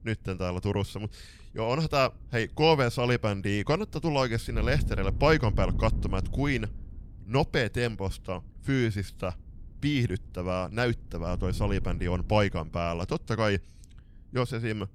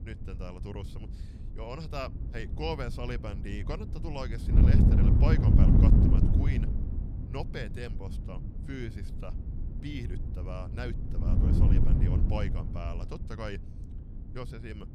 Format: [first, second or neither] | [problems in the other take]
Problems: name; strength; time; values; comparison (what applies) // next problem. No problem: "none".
first | wind noise on the microphone; heavy; 2 dB above the speech; occasional gusts in the first